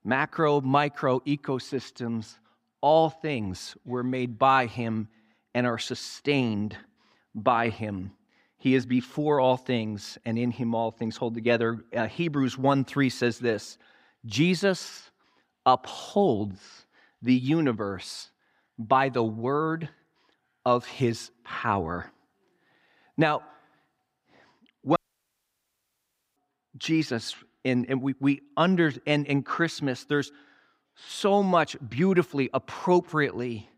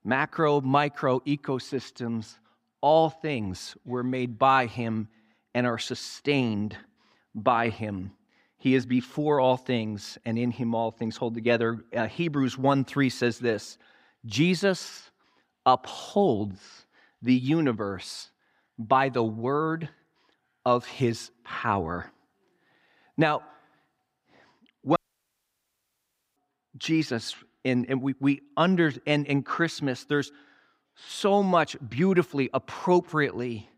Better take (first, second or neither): neither